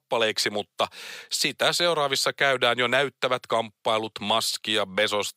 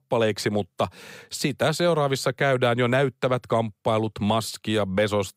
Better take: second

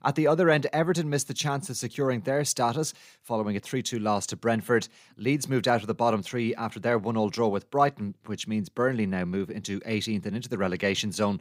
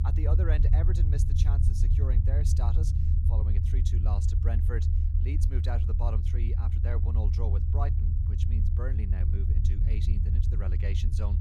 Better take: first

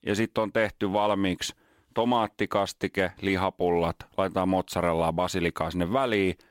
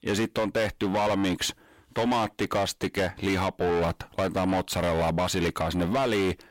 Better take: first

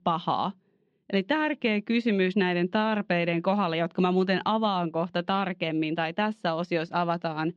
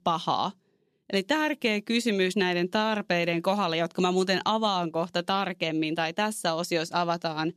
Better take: second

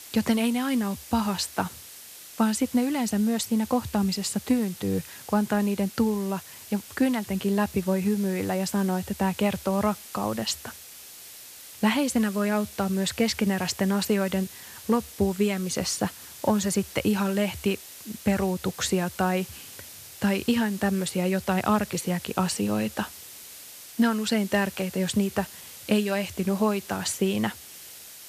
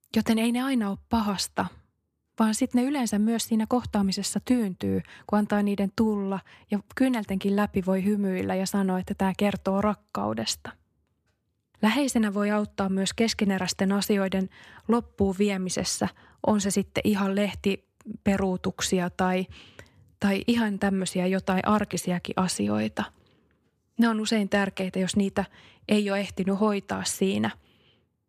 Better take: second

